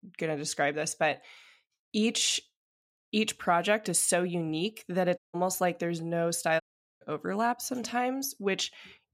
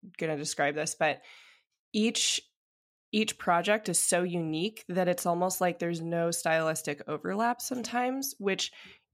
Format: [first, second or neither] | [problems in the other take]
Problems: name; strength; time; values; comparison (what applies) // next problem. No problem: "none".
second | audio cutting out; at 5 s and at 6.5 s